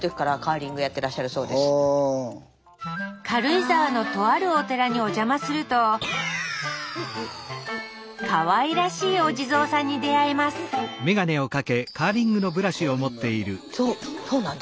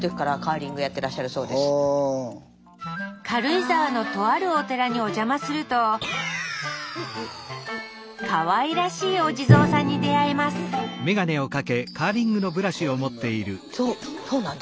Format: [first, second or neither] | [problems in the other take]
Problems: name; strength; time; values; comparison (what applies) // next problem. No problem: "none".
first | background sound (Drum); 6 dB below the speech